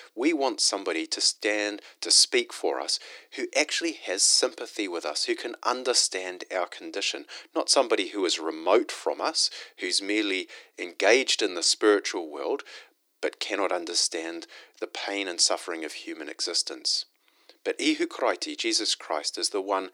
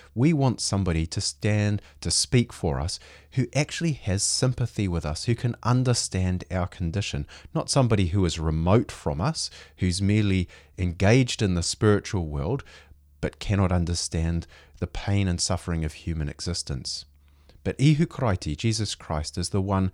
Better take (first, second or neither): second